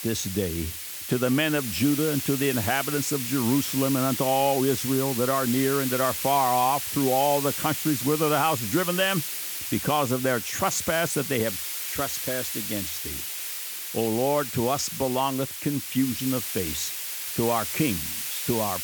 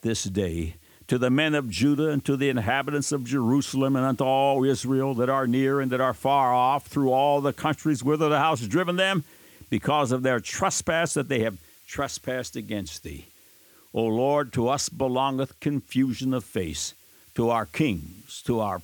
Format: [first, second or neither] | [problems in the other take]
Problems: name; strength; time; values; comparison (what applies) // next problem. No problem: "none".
second | hiss; loud; throughout; 4 dB below the speech; faint in the second